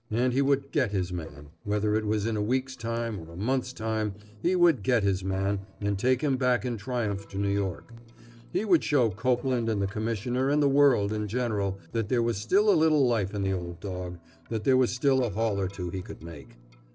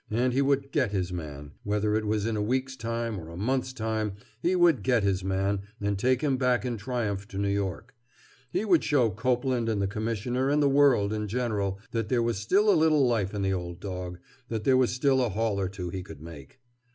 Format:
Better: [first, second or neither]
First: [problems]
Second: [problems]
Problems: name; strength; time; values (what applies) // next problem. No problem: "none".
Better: second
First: noise reduction (neural separator model SepFormer DNS4)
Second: none